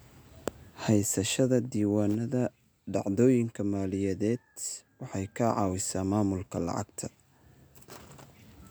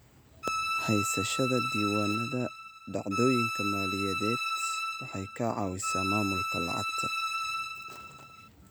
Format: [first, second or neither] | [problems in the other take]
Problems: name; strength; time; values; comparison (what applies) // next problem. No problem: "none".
first | background sound (Bowed string instrument); as loud as the speech